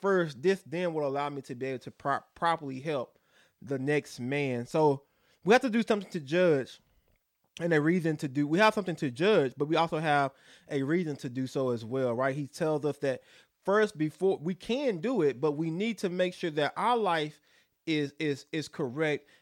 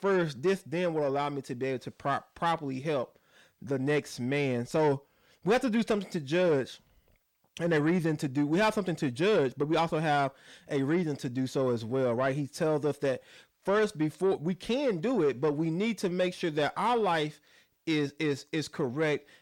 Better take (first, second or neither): first